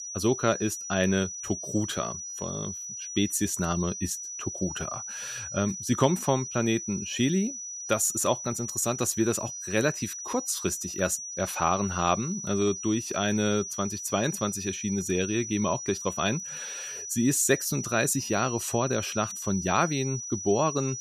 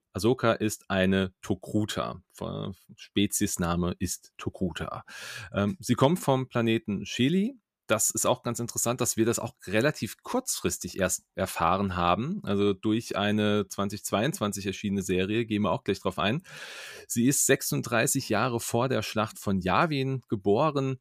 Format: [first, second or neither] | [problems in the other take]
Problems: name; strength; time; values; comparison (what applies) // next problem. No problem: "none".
second | high-pitched whine; loud; throughout; 6 kHz, 7 dB below the speech